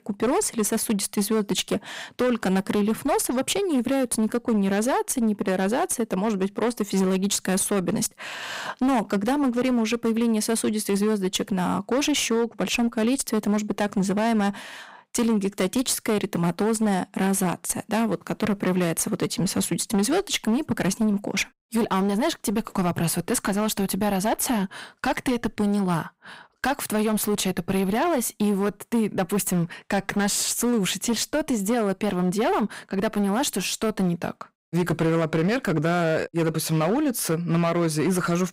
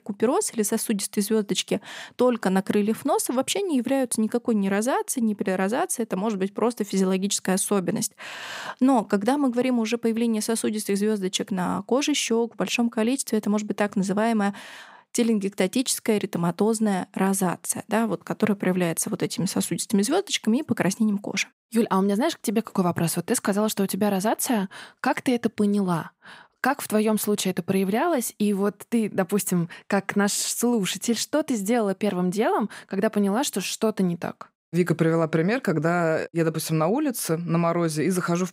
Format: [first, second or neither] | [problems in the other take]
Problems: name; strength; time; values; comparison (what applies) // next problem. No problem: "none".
second | distortion; slight; 16% of the sound clipped